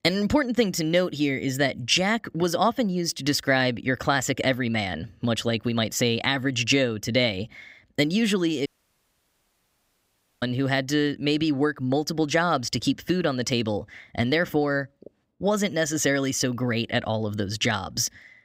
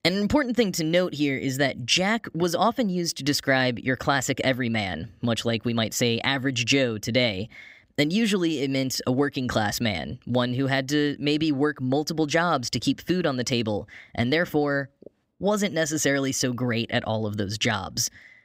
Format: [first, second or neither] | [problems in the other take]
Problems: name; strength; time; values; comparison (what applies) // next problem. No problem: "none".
second | audio cutting out; at 8.5 s for 2 s